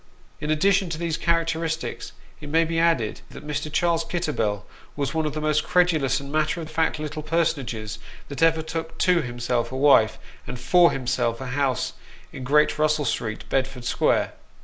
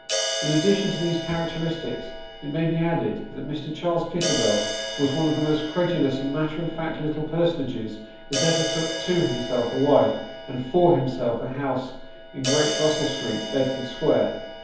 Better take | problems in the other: first | background sound (Crash cymbal); 7 dB below the speech // room echo; dies away in 0.9 s

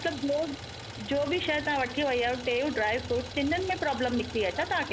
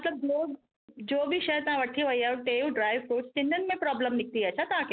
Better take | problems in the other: second | background sound (Idling); 11 dB below the speech

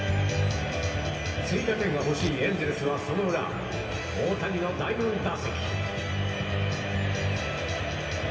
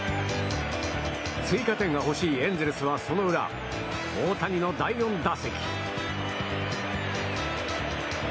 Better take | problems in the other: second | background sound (Fart); 16 dB below the speech // room echo; dies away in 2.5 s

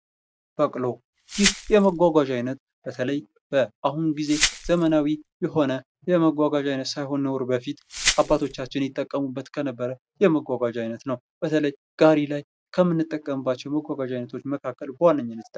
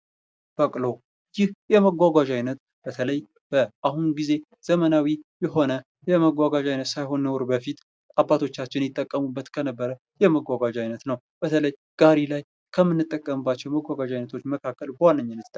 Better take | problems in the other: second | background sound (Glass); 5 dB below the speech

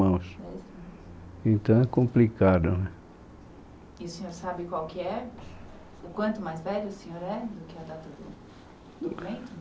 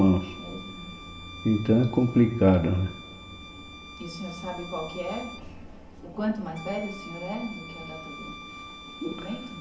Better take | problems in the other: first | background sound (Bowed string instrument); 16 dB below the speech // room echo; dies away in 1.8 s

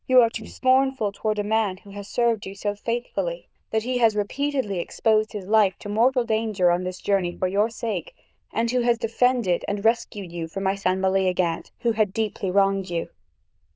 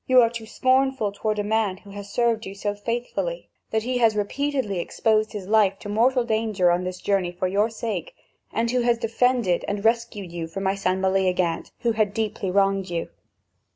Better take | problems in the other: second | noise reduction (neural diffusion model UNIVERSE++)

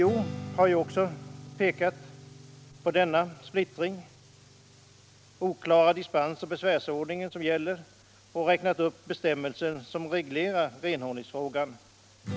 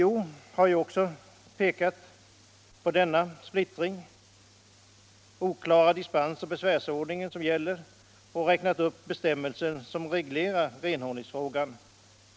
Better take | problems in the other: second | background sound (Strum); 16 dB below the speech

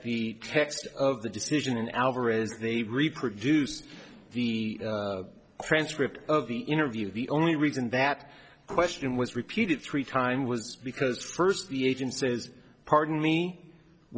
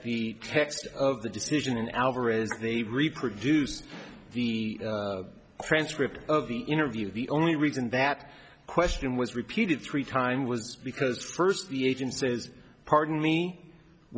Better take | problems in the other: second | noise reduction (neural separator model SepFormer DNS4)

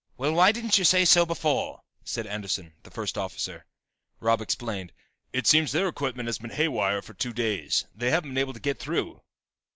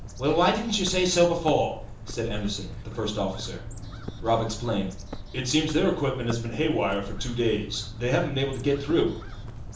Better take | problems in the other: first | background sound (Bird); 10 dB below the speech // room echo; dies away in 1.2 s

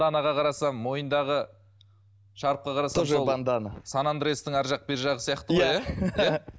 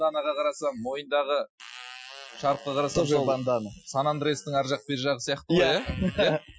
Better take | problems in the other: first | noise reduction (classical method Wiener filter)

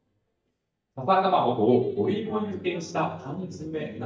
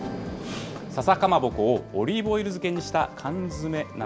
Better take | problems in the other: second | noise reduction (neural mask model DeepFilterNet 3)

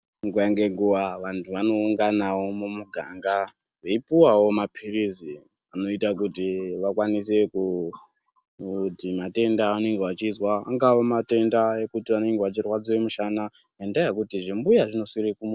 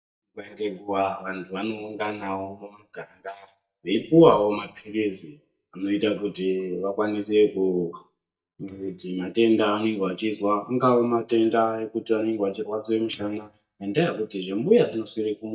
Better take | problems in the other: first | noise reduction (neural mask model DeepFilterNet 3)

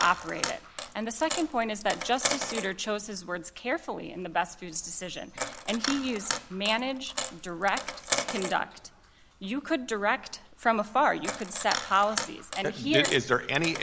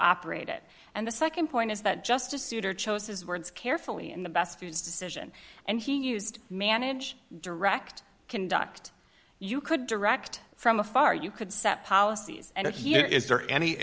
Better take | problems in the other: second | background sound (Coin (dropping)); 7 dB below the speech

